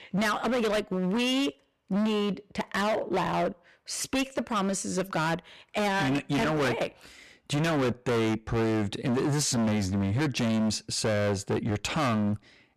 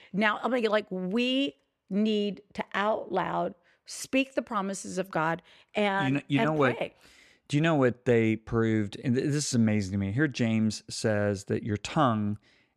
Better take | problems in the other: second | distortion; heavy; 26% of the sound clipped

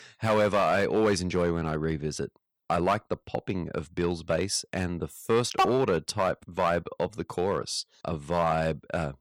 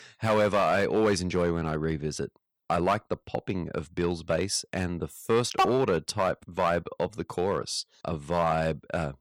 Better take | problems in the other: neither | distortion; slight; 3% of the sound clipped; the same in both

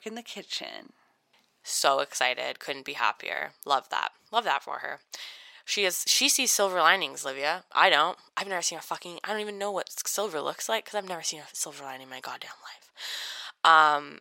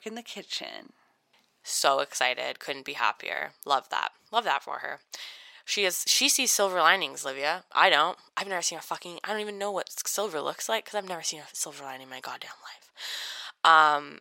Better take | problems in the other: neither | thin; very; fading below 650 Hz; the same in both

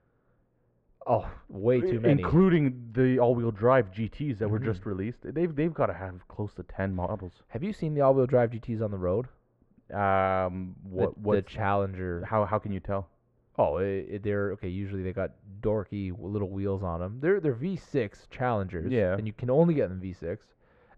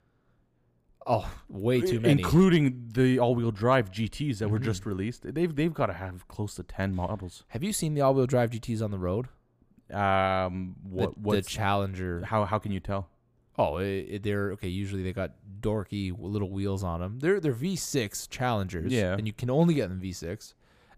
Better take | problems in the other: second | muffled; very; fading above 1.5 kHz

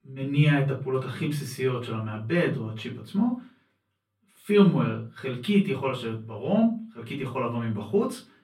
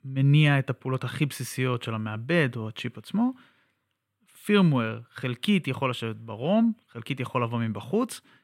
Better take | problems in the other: second | off-mic speech; far // room echo; slight; dies away in 0.3 s

